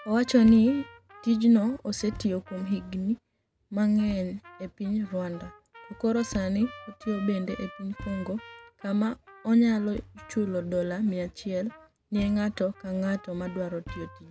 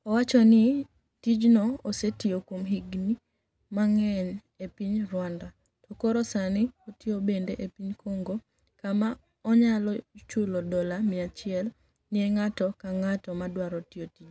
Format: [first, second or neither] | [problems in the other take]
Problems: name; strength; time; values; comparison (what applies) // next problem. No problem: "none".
second | background sound (Trumpet + Thump, thud); 19 dB below the speech